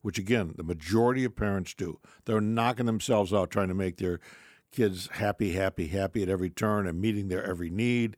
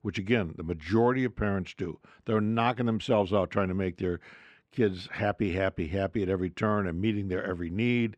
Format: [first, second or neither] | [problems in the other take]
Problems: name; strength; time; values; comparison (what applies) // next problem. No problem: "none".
first | muffled; slightly; fading above 3 kHz